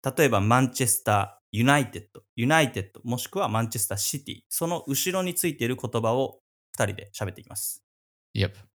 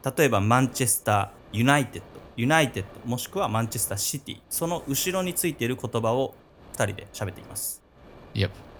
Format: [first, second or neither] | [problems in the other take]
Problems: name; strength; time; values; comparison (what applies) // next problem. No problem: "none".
first | wind noise on the microphone; occasional gusts; 25 dB below the speech